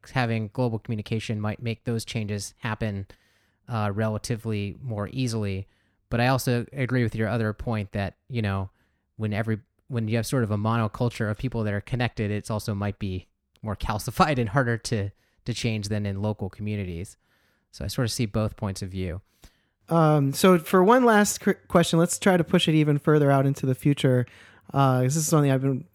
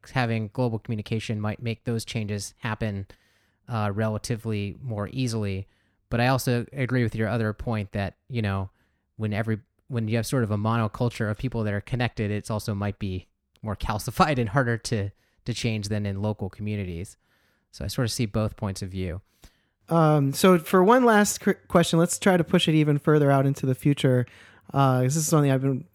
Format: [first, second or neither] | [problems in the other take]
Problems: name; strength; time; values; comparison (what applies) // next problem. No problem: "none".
neither | none